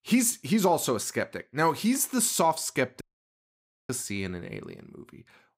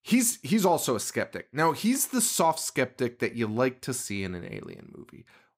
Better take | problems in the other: second | audio cutting out; at 3 s for 1 s

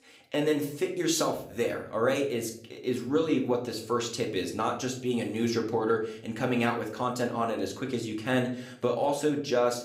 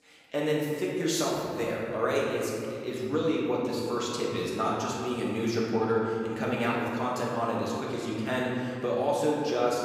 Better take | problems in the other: first | room echo; strong; dies away in 2.3 s; slight in the first // off-mic speech; far; somewhat distant in the first

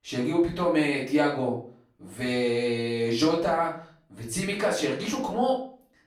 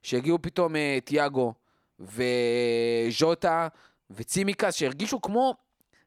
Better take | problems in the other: second | room echo; slight; dies away in 0.4 s // off-mic speech; far

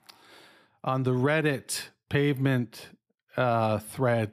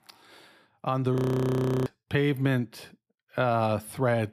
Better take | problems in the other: first | audio freezing; at 1 s for 0.5 s

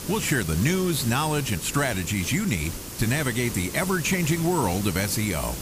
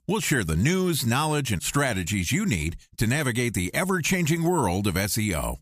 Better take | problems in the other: second | hiss; loud; throughout; 9 dB below the speech

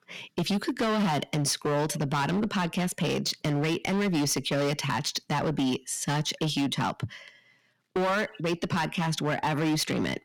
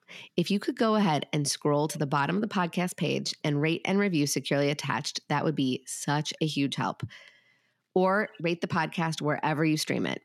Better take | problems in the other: second | distortion; heavy; 15% of the sound clipped

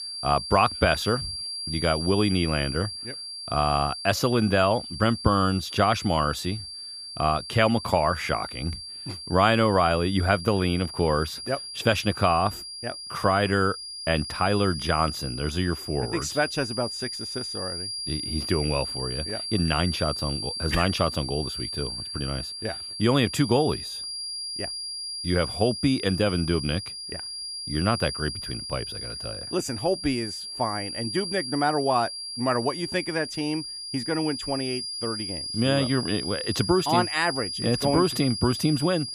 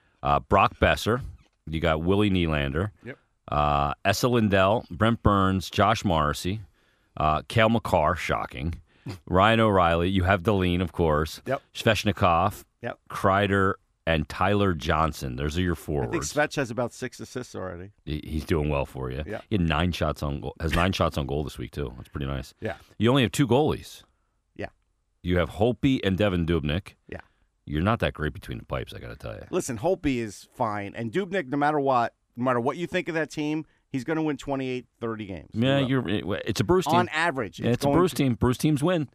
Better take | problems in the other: second | high-pitched whine; loud; throughout; 5 kHz, 6 dB below the speech

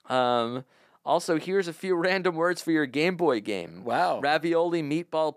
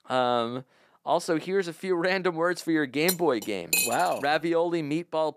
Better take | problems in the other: first | clattering dishes; loud; at 3 s; peak 2 dB above the speech

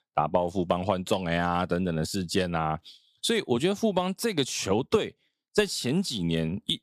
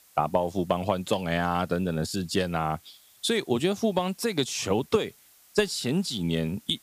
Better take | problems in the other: first | hiss; faint; throughout; 25 dB below the speech

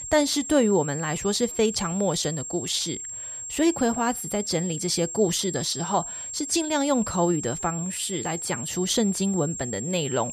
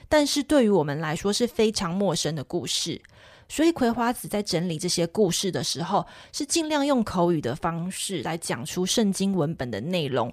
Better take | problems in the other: second | high-pitched whine; loud; throughout; 7.5 kHz, 7 dB below the speech

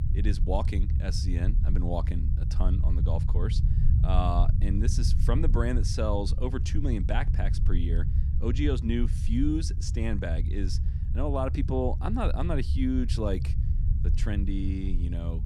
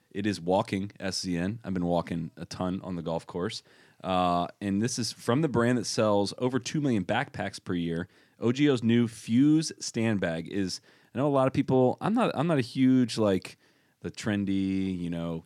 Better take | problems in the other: second | low rumble; loud; throughout; 10 dB below the speech

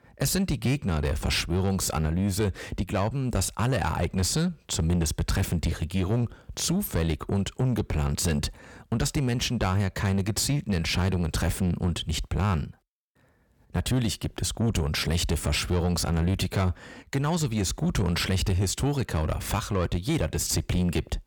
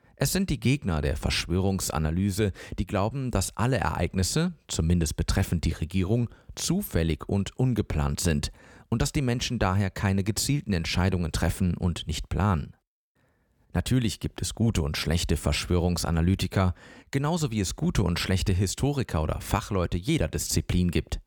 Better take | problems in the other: second | distortion; slight; 10 dB below the speech

